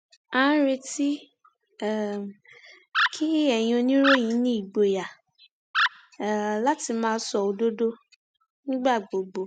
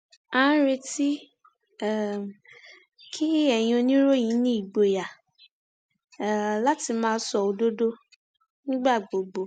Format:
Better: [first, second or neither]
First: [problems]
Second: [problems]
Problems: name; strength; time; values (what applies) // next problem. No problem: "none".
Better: second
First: background sound (Animal); 3 dB below the speech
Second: none